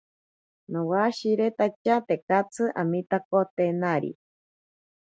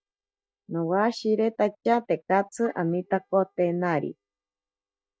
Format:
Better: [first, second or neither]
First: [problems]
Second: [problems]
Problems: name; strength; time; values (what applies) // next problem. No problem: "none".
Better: first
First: none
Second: noise reduction (neural mask model DeepFilterNet 3)